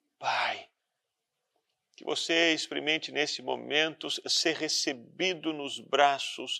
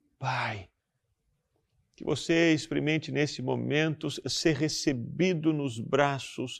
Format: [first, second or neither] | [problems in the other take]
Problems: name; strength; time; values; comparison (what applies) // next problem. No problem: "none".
second | thin; very; fading below 450 Hz